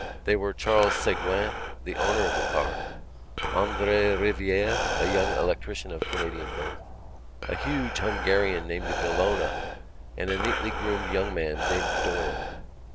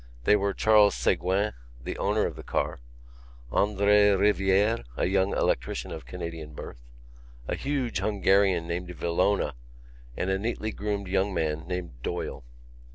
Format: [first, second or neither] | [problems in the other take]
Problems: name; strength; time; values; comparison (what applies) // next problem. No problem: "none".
second | background sound (Breathing); 3 dB below the speech